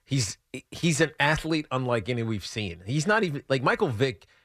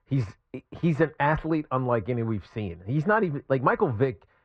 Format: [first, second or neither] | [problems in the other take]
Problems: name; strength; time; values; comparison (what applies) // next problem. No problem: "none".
first | muffled; very; fading above 4 kHz